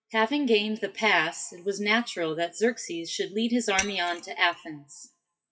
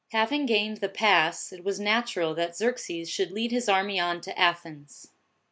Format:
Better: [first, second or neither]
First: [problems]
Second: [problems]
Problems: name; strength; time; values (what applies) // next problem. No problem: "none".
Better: second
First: noise reduction (classical method WPE with log-MMSE)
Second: none